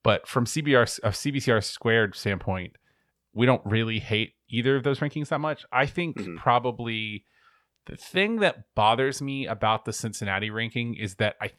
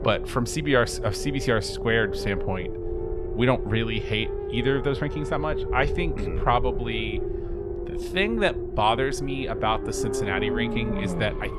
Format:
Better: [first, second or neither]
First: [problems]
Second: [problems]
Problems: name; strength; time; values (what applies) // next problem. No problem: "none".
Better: first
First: none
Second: low rumble; loud; throughout; 8 dB below the speech